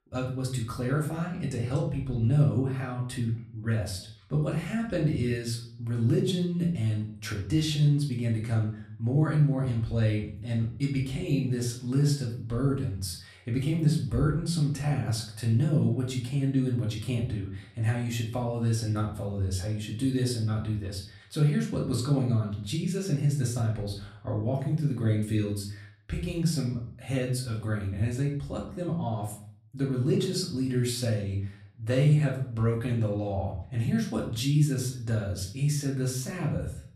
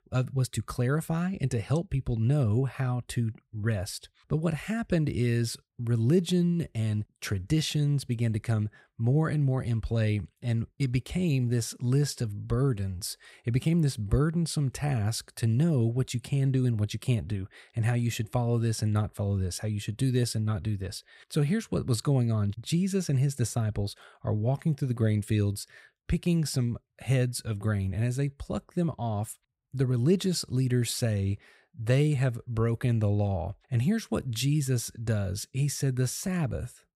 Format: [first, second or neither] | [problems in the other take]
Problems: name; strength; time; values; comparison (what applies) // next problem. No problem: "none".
second | room echo; slight; dies away in 0.5 s // off-mic speech; far